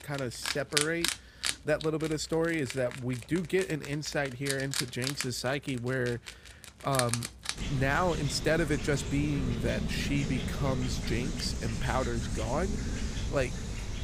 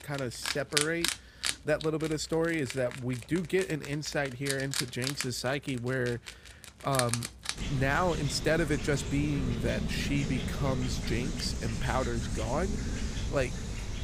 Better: neither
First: animal sounds; loud; throughout; 3 dB below the speech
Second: animal sounds; loud; throughout; 3 dB below the speech

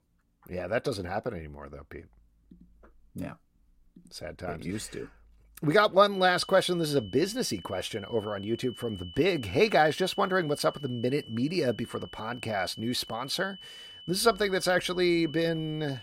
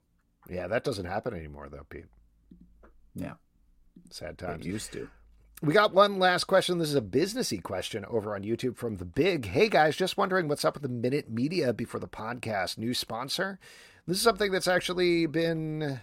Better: second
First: high-pitched whine; noticeable; from 6 s on; 3 kHz, 20 dB below the speech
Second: none

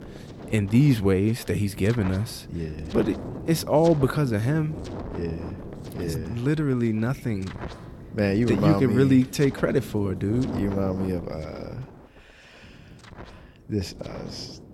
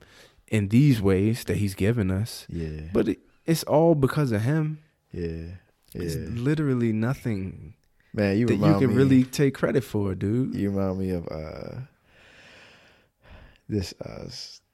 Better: second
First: wind noise on the microphone; occasional gusts; 15 dB below the speech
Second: none

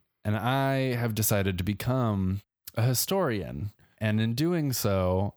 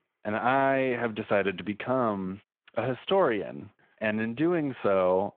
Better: first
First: none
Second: phone-call audio

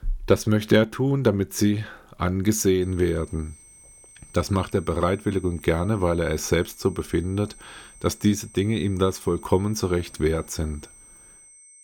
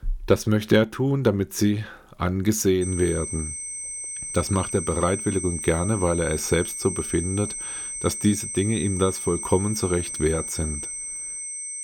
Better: first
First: high-pitched whine; faint; from 3 s on; 8.5 kHz, 25 dB below the speech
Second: high-pitched whine; loud; from 3 s on; 8.5 kHz, 5 dB below the speech

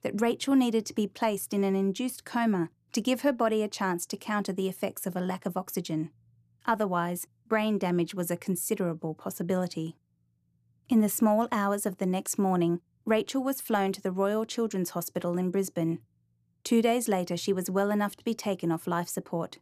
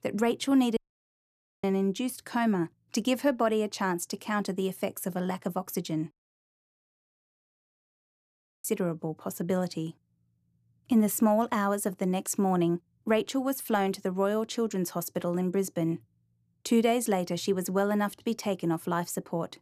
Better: first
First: none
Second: audio cutting out; at 1 s for 1 s and at 6 s for 2.5 s

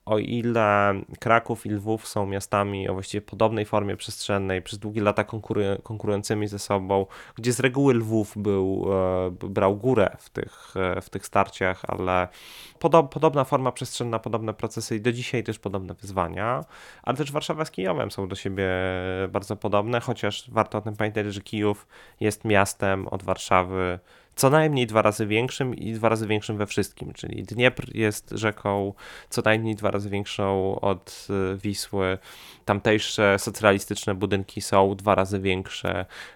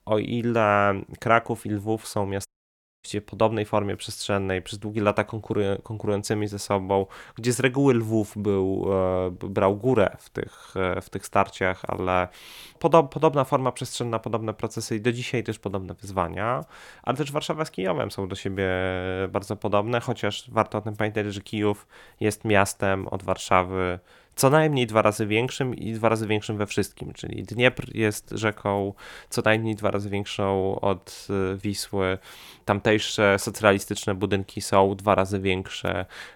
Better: first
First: none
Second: audio cutting out; at 2.5 s for 0.5 s

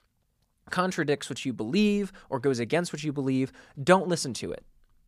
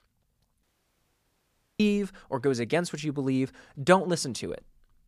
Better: first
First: none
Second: audio cutting out; at 0.5 s for 1 s

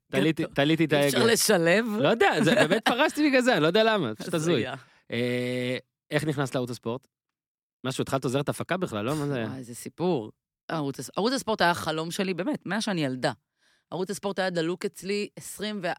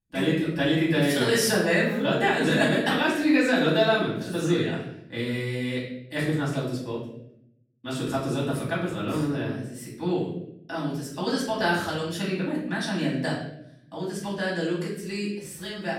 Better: first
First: none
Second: off-mic speech; far // room echo; noticeable; dies away in 0.7 s

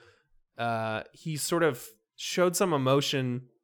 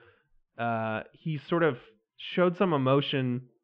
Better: first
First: none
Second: muffled; very; fading above 3 kHz

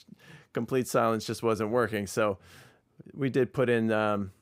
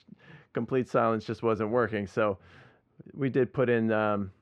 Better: first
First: none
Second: muffled; slightly; fading above 2.5 kHz

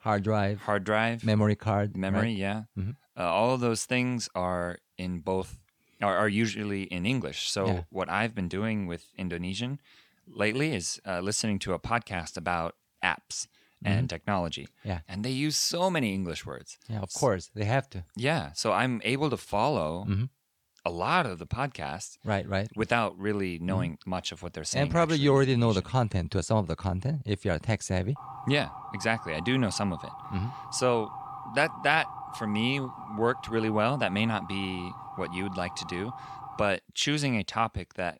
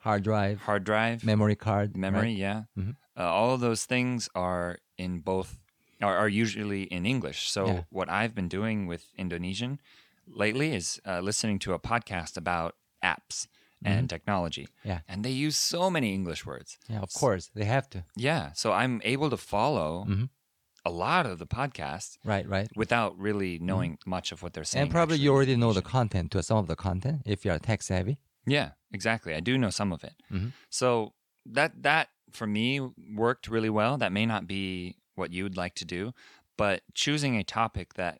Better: second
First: siren; faint; from 28 to 37 s; peak 10 dB below the speech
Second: none

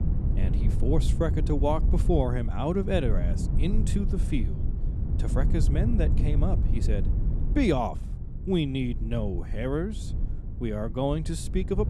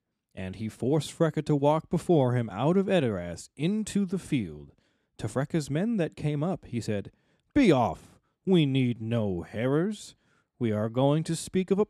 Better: second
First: wind noise on the microphone; occasional gusts; 10 dB below the speech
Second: none

